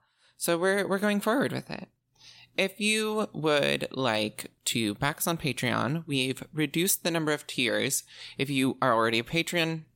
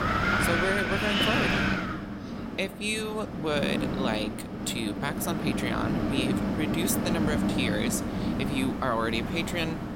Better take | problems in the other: first | wind noise on the microphone; heavy; 1 dB above the speech

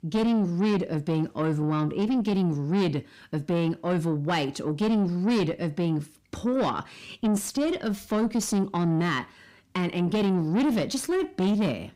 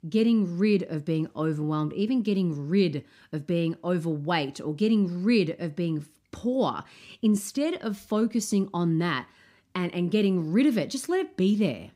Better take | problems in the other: second | distortion; slight; 10 dB below the speech

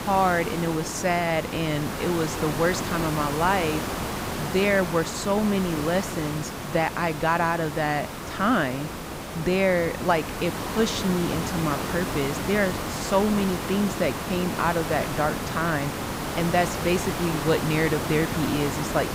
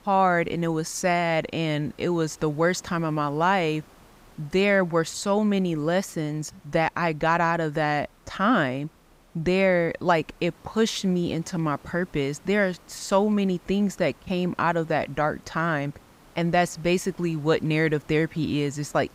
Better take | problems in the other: second | hiss; loud; throughout; 5 dB below the speech; faint in the second

